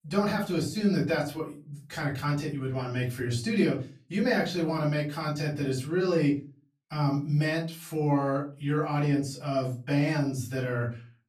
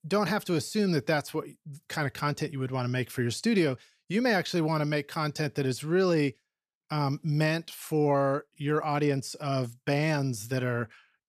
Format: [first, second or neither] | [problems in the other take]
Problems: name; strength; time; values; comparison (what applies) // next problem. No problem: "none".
second | off-mic speech; far // room echo; slight; dies away in 0.3 s